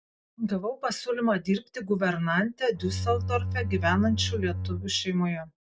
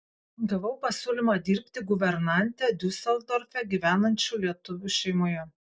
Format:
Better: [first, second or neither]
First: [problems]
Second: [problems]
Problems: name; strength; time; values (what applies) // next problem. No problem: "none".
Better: second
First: background sound (Bowed string instrument); 4 dB below the speech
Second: none